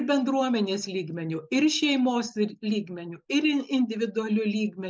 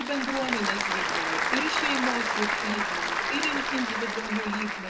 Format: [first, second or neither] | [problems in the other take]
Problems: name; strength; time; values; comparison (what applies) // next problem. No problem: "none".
first | background sound (Applause / Crowd); 4 dB above the speech // room echo; dies away in 0.2 s